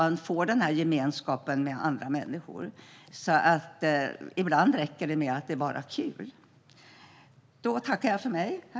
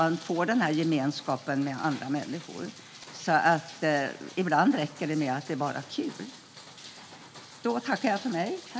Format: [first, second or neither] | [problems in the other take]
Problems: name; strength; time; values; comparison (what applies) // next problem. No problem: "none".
first | background sound (Rain); 19 dB below the speech